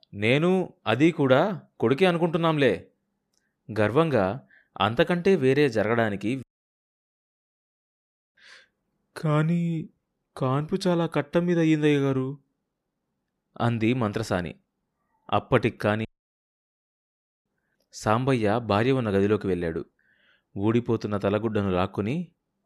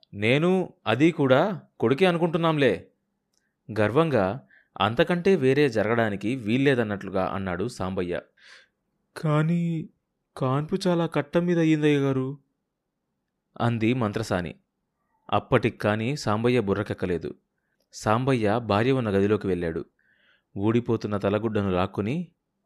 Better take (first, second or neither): second